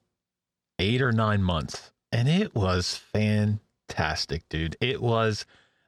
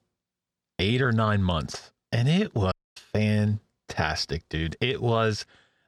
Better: first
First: none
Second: audio cutting out; at 2.5 s

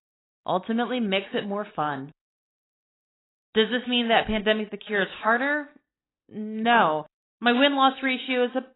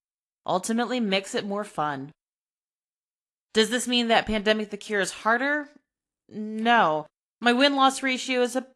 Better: second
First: garbled, watery; badly; nothing above 4 kHz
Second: garbled, watery; slightly; nothing above 11 kHz

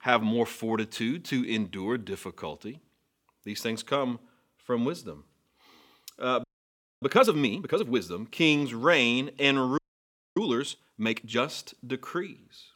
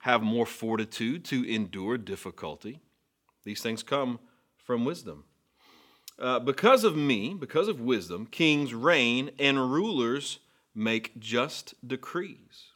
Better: second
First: audio freezing; at 6.5 s for 0.5 s and at 10 s for 0.5 s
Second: none

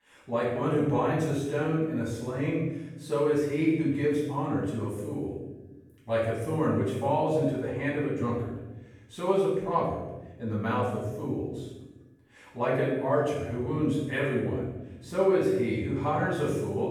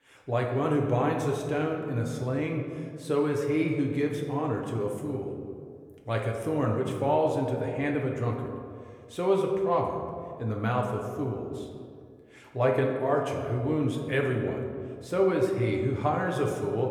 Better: second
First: room echo; strong; dies away in 1 s // off-mic speech; far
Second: room echo; slight; dies away in 1.7 s // off-mic speech; somewhat distant

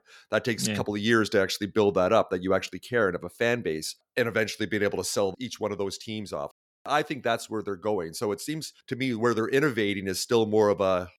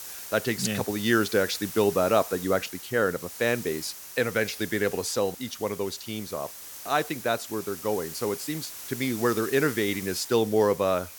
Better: first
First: none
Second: hiss; noticeable; throughout; 10 dB below the speech

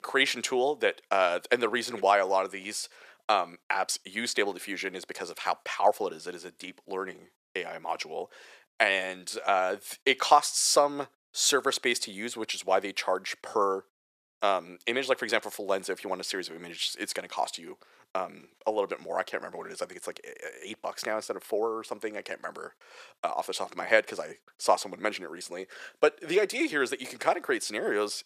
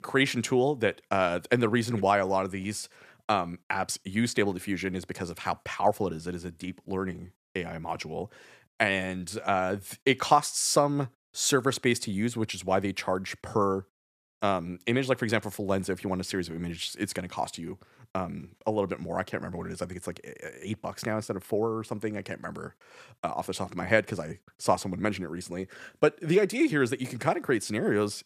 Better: second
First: thin; somewhat; fading below 500 Hz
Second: none

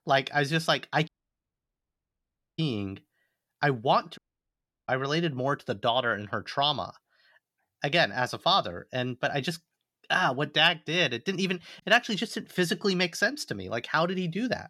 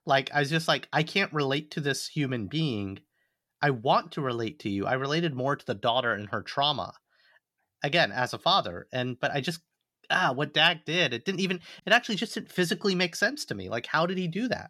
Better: second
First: audio cutting out; at 1 s for 1.5 s and at 4 s for 0.5 s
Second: none

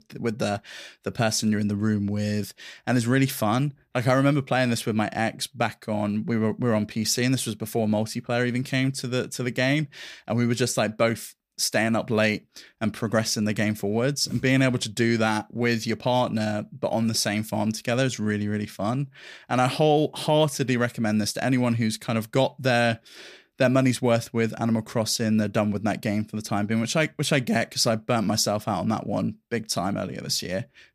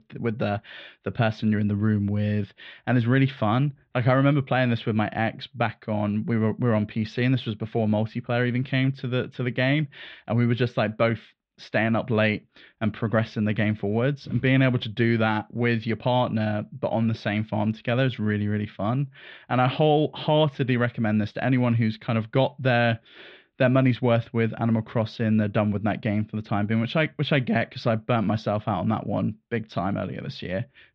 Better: first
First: none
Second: muffled; very; fading above 3.5 kHz

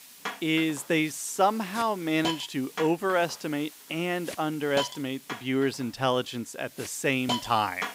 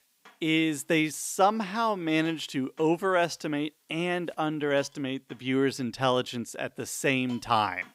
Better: second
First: hiss; loud; throughout; 10 dB below the speech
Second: hiss; faint; throughout; 30 dB below the speech

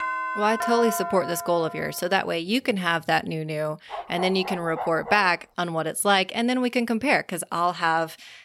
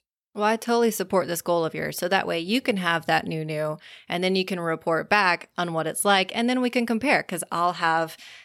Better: second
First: doorbell; noticeable; until 2 s; peak 3 dB below the speech // dog barking; noticeable; from 4 to 5.5 s; peak 8 dB below the speech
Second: none

